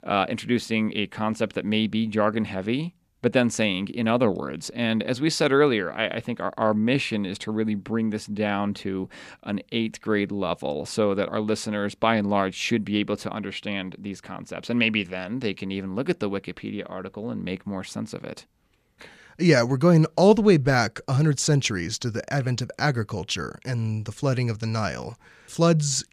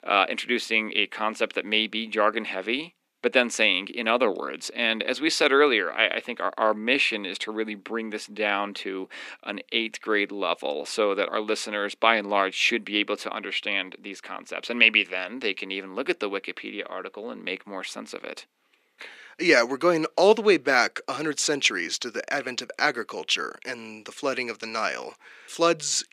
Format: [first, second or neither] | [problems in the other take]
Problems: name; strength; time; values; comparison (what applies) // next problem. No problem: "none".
first | thin; somewhat; fading below 300 Hz